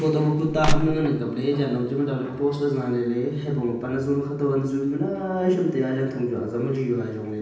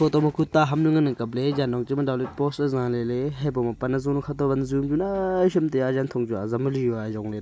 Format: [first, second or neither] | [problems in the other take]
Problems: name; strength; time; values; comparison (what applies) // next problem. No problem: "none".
second | background sound (Crushing); 3 dB above the speech // room echo; dies away in 0.9 s